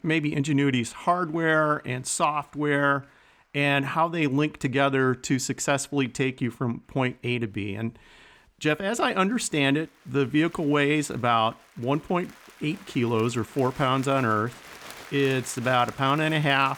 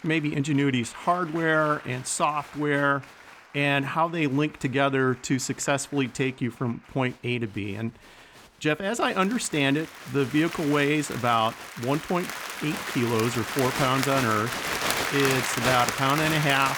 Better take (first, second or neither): first